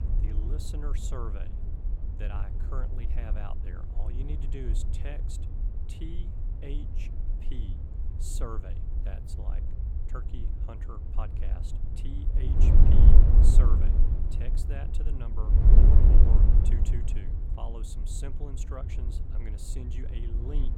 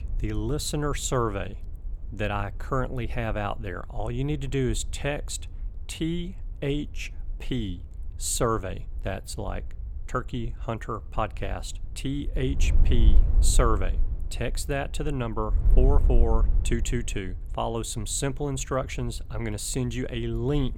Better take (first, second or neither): second